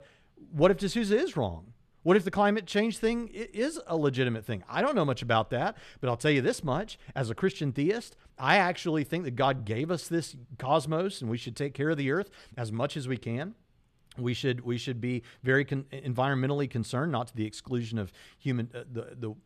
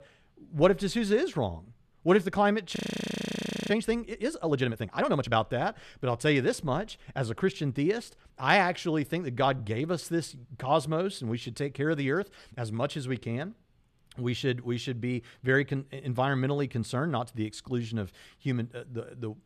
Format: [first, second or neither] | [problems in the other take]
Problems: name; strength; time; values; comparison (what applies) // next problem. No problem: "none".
first | audio freezing; at 3 s for 1 s